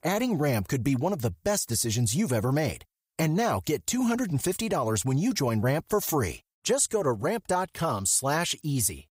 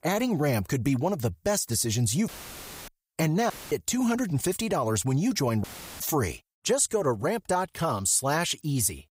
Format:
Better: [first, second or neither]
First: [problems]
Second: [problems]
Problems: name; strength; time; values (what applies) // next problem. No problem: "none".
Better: first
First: none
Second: audio cutting out; filled with static; at 2.5 s for 0.5 s, at 3.5 s and at 5.5 s